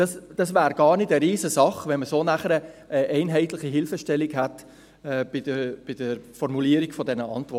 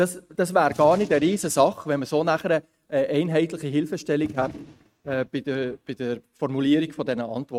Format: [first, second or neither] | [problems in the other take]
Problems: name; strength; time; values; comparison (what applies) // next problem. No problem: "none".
first | noise reduction (neural mask model RNNoise)